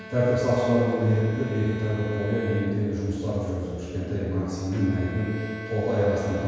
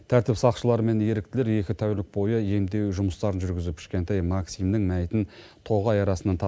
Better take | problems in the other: second | background sound (Bowed string instrument); 16 dB below the speech // room echo; dies away in 1.9 s

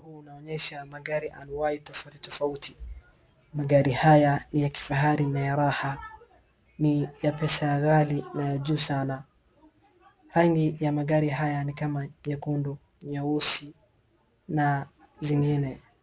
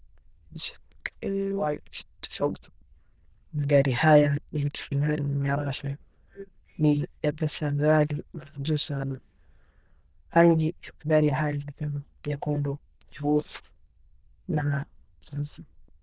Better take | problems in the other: first | noise reduction (neural diffusion model UNIVERSE++)

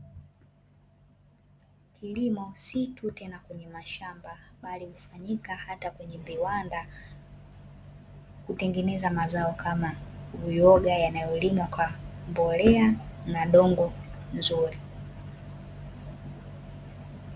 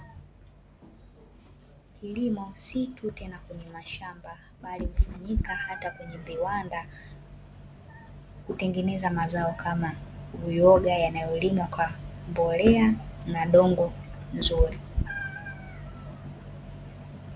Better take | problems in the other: first | background sound (Meow); 9 dB below the speech

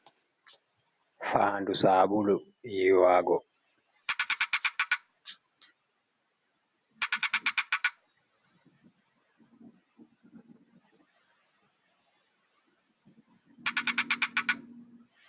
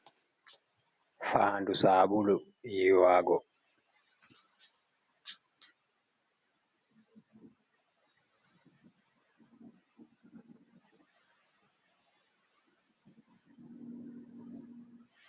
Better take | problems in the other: second | background sound (Ratchet, pawl); 2 dB above the speech

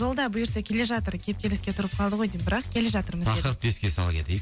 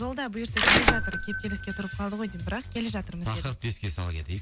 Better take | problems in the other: first | background sound (Bell / Mechanisms); 4 dB above the speech

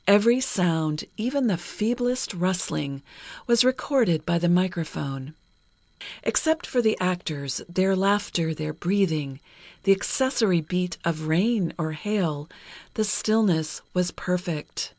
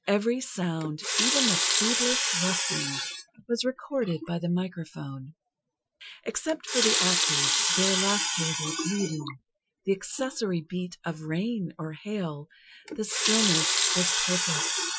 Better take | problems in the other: first | noise reduction (classical method Wiener filter)

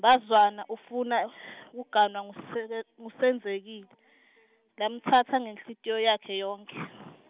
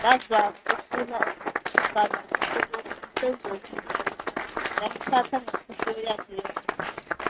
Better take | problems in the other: first | noise reduction (neural mask model RNNoise)

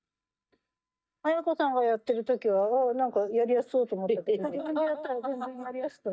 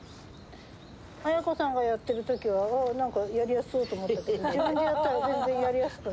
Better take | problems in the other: second | noise reduction (neural mask model DeepFilterNet 3)

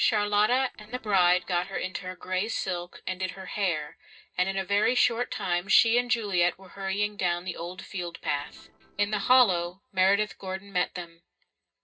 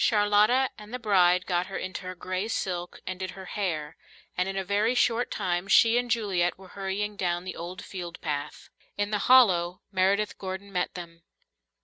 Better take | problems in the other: second | noise reduction (neural separator model SepFormer DNS4)

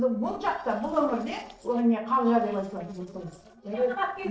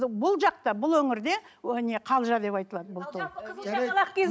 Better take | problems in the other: second | noise reduction (neural separator model SepFormer DNS4)

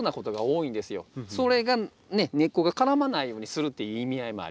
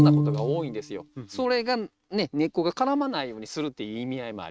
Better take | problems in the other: first | noise reduction (neural mask model RNNoise)

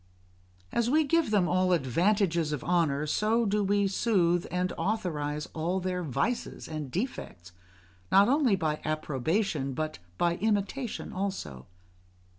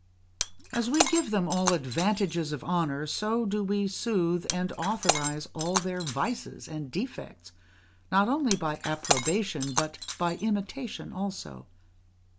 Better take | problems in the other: first | background sound (Shatter); 5 dB below the speech

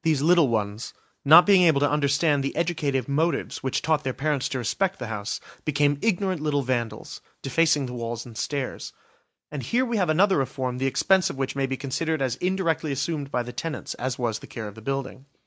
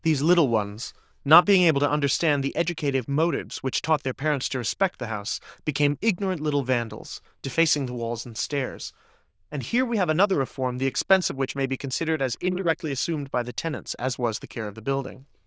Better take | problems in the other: first | noise reduction (neural diffusion model UNIVERSE++)

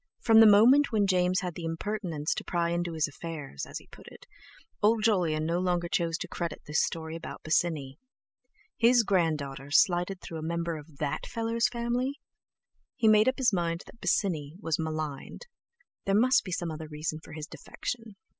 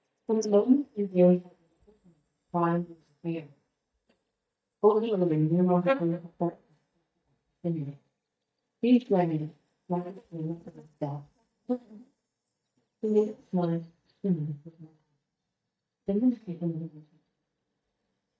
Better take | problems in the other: first | noise reduction (neural mask model DeepFilterNet 3)

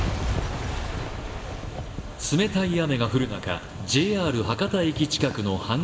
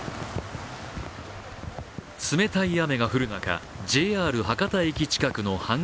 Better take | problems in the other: second | background sound (Shatter / Crushing / Boom); 8 dB below the speech // room echo; dies away in 2 s

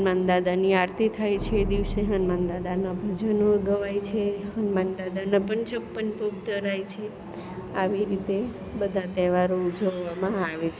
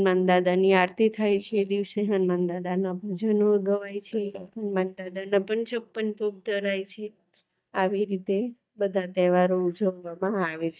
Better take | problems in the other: first | noise reduction (neural mask model DeepFilterNet 3)

